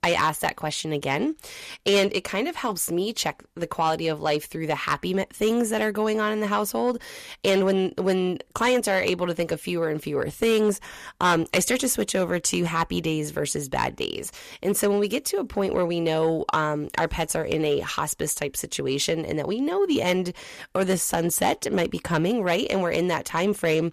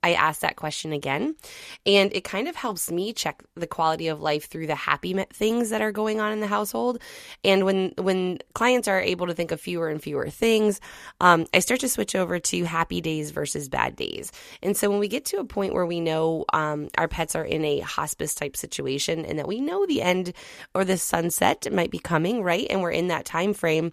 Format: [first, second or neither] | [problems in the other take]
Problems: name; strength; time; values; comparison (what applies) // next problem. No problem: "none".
second | distortion; slight; 10 dB below the speech